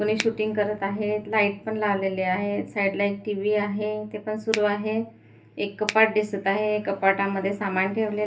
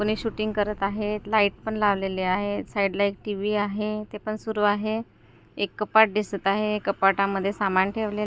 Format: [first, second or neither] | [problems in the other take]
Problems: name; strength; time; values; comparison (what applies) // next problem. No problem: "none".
second | background sound (Finger snapping); 8 dB below the speech // room echo; dies away in 0.3 s